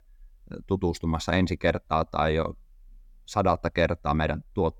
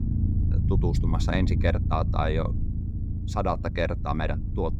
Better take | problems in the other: first | low rumble; noticeable; throughout; 10 dB below the speech

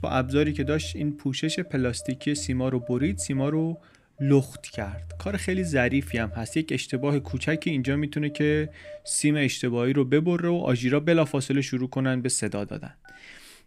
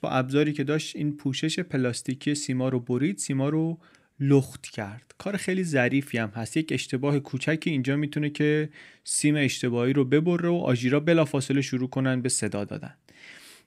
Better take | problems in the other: second | alarms or sirens; noticeable; throughout; 15 dB below the speech

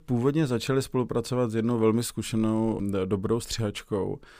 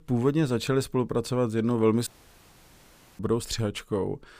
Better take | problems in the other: first | audio cutting out; at 2 s for 1 s

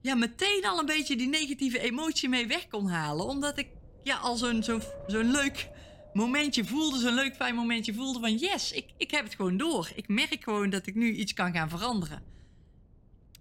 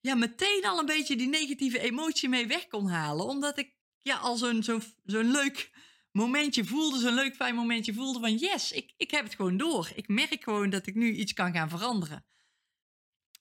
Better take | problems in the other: second | wind noise on the microphone; occasional gusts; 25 dB below the speech

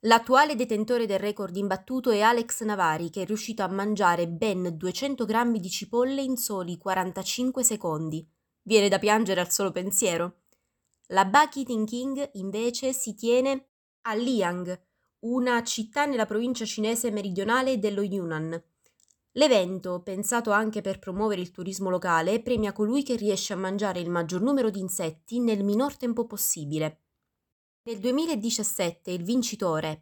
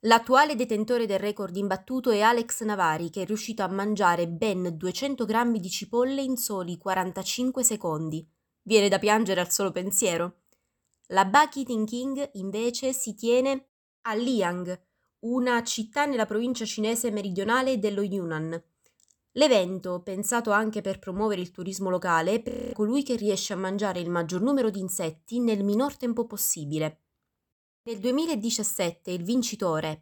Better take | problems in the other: first | audio freezing; at 22 s

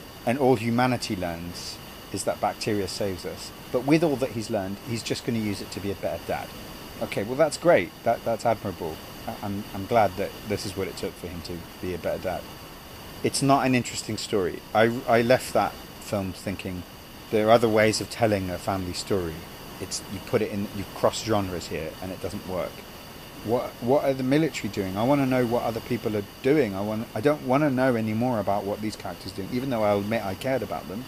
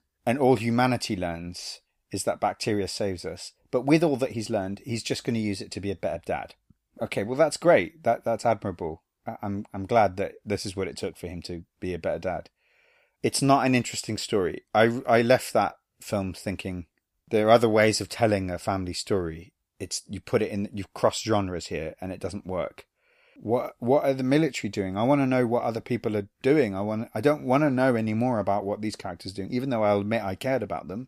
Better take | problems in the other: second | hiss; noticeable; throughout; 15 dB below the speech

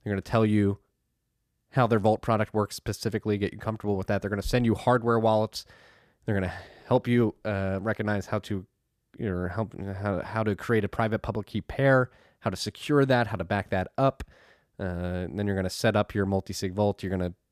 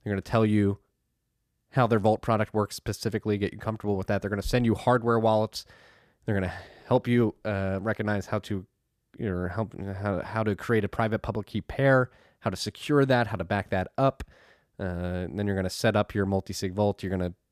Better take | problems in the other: neither | none

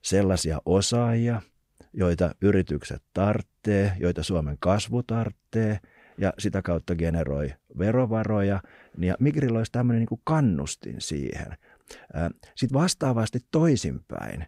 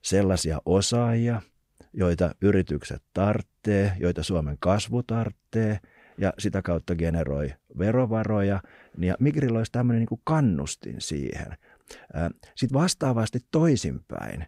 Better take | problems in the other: neither | none

